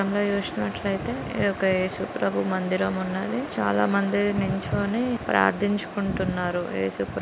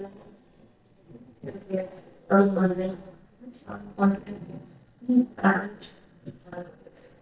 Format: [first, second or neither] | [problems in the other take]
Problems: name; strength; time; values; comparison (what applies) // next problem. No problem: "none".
first | noise reduction (neural mask model DeepFilterNet 3)